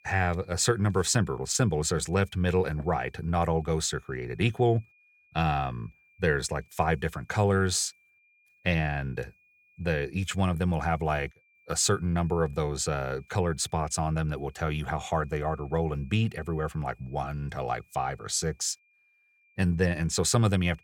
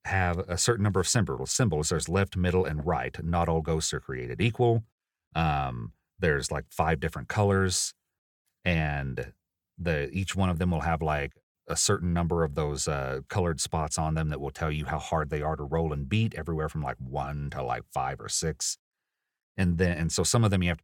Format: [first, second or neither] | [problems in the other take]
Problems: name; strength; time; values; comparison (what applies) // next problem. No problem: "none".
second | high-pitched whine; faint; throughout; 2.5 kHz, 35 dB below the speech